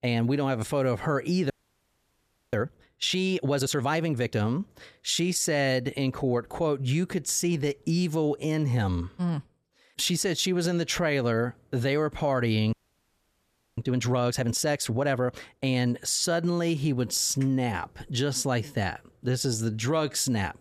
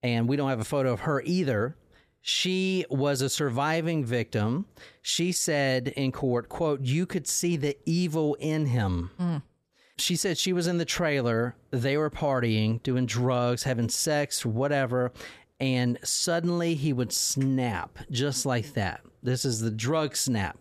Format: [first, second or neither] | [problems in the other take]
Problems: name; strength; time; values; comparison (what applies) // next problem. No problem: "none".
second | audio freezing; at 1.5 s for 1 s and at 13 s for 1 s